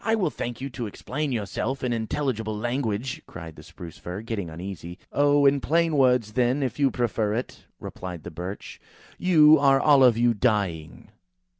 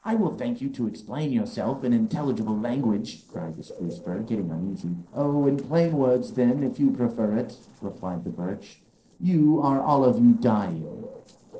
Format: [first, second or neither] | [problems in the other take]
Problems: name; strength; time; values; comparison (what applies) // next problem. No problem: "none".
first | noise reduction (neural separator model SepFormer DNS4)